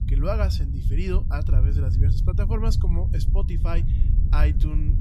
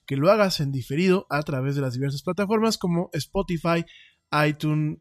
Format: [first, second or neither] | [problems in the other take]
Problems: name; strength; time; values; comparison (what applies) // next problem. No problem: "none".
second | low rumble; loud; throughout; 6 dB below the speech